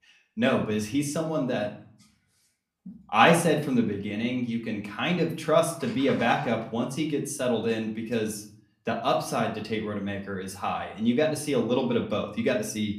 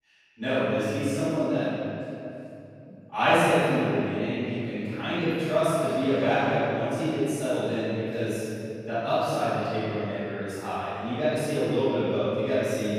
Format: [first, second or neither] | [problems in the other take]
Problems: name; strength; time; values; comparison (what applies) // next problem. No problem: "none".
first | room echo; strong; dies away in 2.7 s; slight in the first // off-mic speech; far; somewhat distant in the first